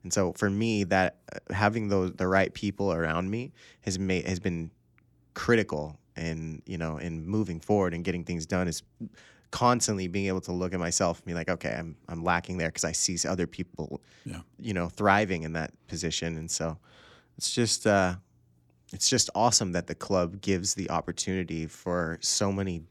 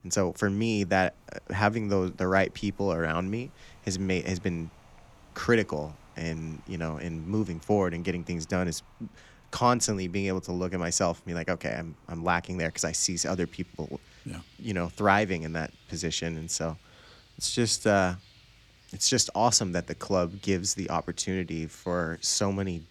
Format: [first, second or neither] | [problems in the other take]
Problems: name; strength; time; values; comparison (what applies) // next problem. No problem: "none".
first | rain or running water; faint; throughout; 30 dB below the speech